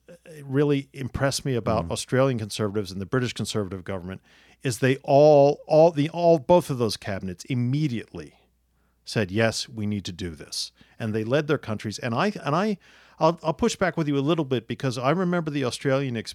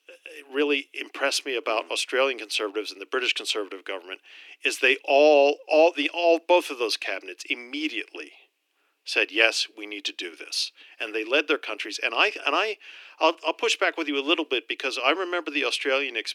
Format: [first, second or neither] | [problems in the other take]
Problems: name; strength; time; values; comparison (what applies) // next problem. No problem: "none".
first | thin; somewhat; fading below 300 Hz